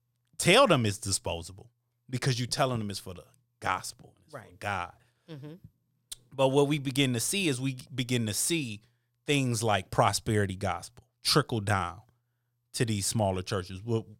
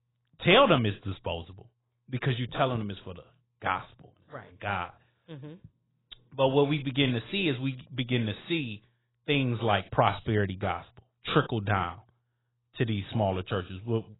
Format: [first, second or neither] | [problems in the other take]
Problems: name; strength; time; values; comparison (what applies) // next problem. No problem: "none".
first | garbled, watery; badly; nothing above 4 kHz